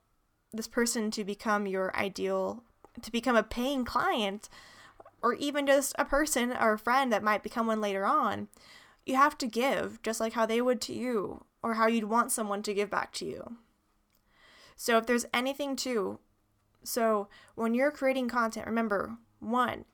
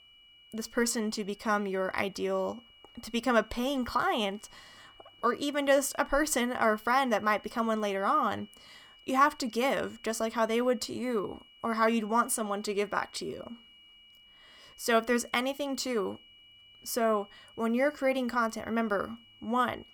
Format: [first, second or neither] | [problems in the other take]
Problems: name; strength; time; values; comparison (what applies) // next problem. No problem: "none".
first | high-pitched whine; faint; throughout; 3 kHz, 25 dB below the speech